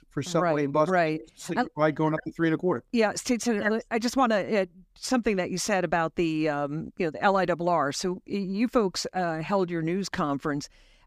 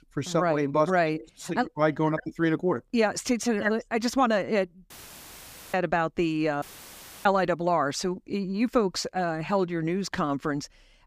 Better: first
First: none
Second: audio cutting out; filled with static; at 5 s for 1 s and at 6.5 s for 0.5 s

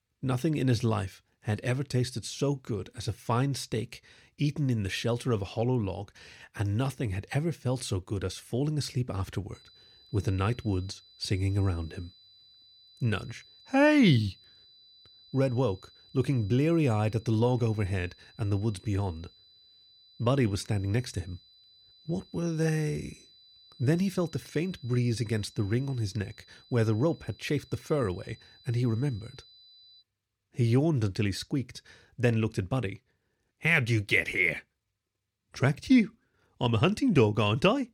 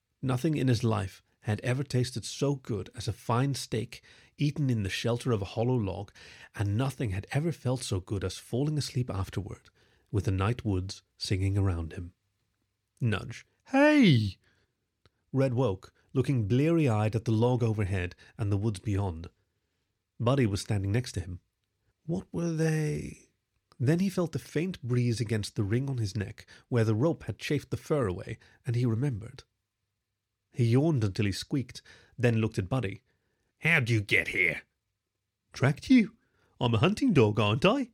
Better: second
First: high-pitched whine; faint; from 9.5 to 30 s; 4 kHz, 25 dB below the speech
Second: none

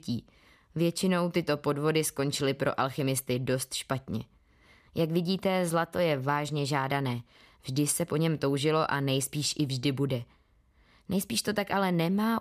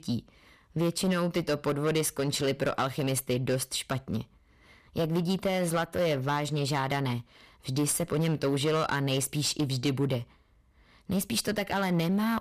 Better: first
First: none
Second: distortion; slight; 10% of the sound clipped

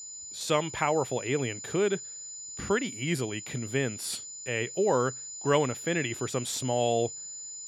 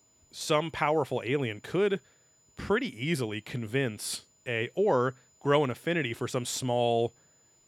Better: second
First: high-pitched whine; loud; throughout; 7 kHz, 9 dB below the speech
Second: high-pitched whine; faint; throughout; 7 kHz, 35 dB below the speech

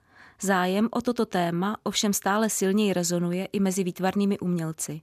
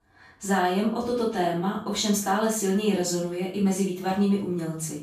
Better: first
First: none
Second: off-mic speech; far // room echo; noticeable; dies away in 0.4 s

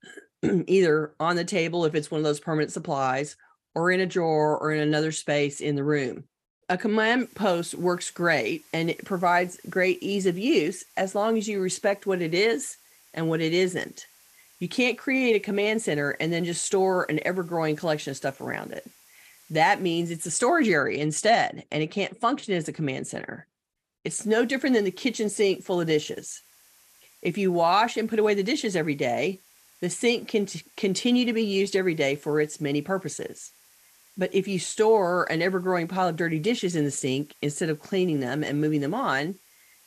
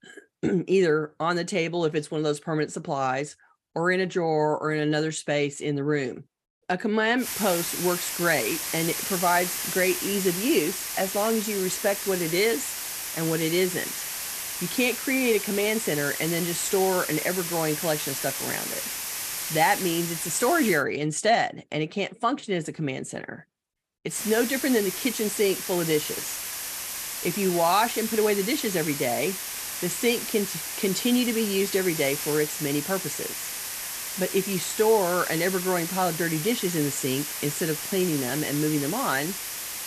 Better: first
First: hiss; faint; from 7 to 21 s and from 24 s on; 30 dB below the speech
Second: hiss; loud; from 7 to 21 s and from 24 s on; 4 dB below the speech

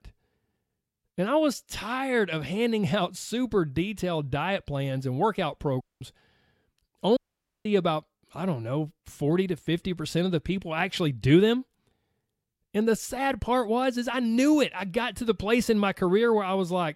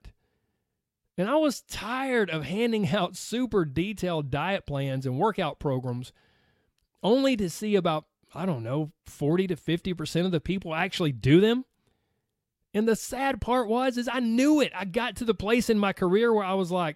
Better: second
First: audio cutting out; at 6 s and at 7 s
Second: none

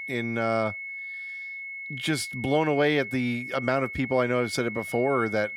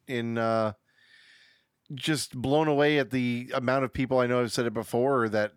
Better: second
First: high-pitched whine; loud; throughout; 2 kHz, 8 dB below the speech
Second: none

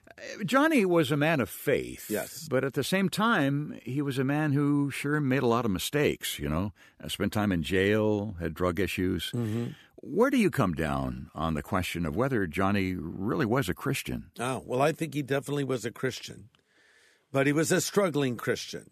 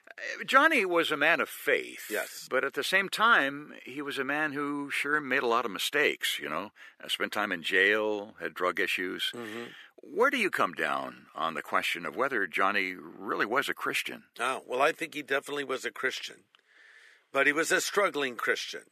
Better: first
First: none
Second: thin; somewhat; fading below 450 Hz

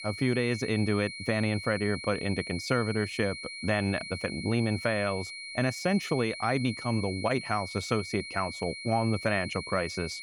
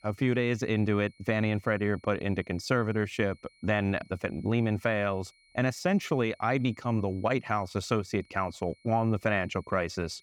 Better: second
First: high-pitched whine; loud; throughout; 2 kHz, 8 dB below the speech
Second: high-pitched whine; faint; throughout; 2 kHz, 30 dB below the speech

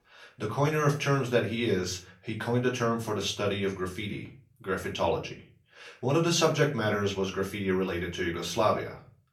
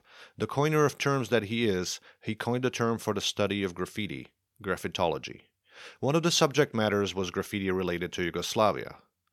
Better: second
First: off-mic speech; far // room echo; very slight; dies away in 0.3 s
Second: none

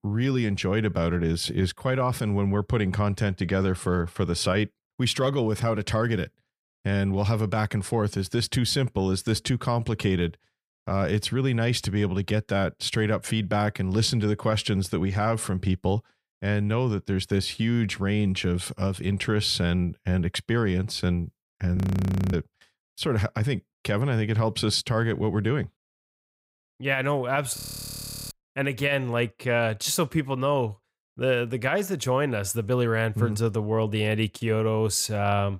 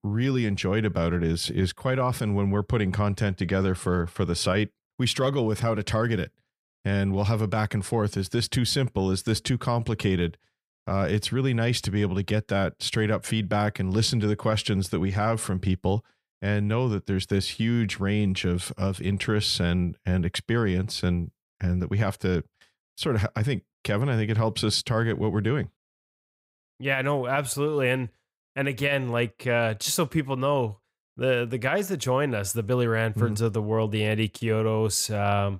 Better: second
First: audio freezing; at 22 s for 0.5 s and at 28 s for 0.5 s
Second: none

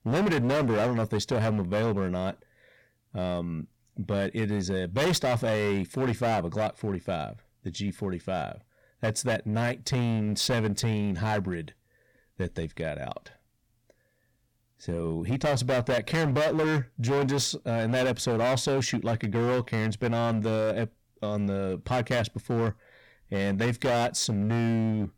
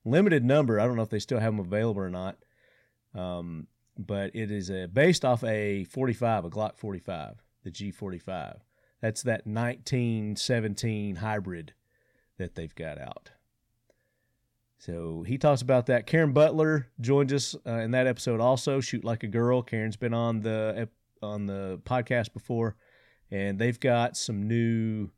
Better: second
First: distortion; heavy; 16% of the sound clipped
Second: none

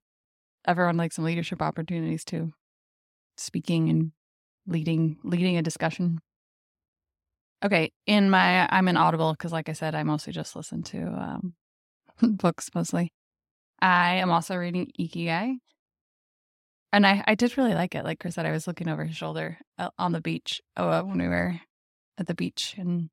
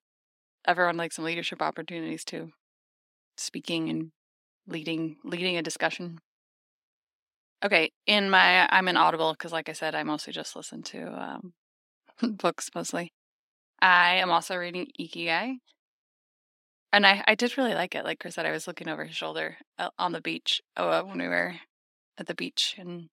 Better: first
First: none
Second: thin; somewhat; fading below 300 Hz

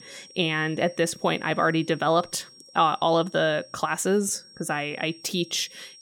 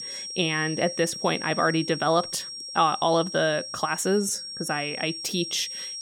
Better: first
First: high-pitched whine; faint; throughout; 5.5 kHz, 20 dB below the speech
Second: high-pitched whine; loud; throughout; 5.5 kHz, 8 dB below the speech

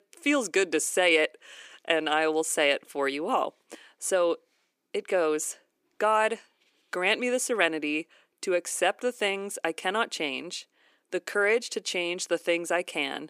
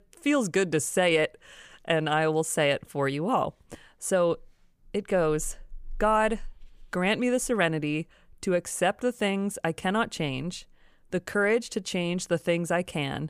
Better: second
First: thin; very slightly; fading below 300 Hz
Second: none

